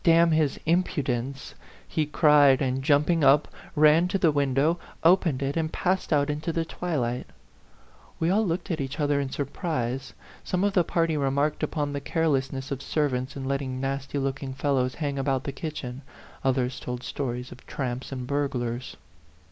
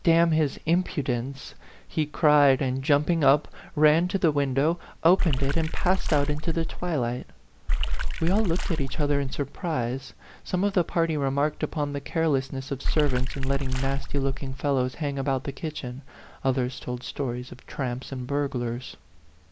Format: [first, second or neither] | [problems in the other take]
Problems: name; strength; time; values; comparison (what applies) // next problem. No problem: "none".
first | background sound (Water / Splash, splatter); 5 dB above the speech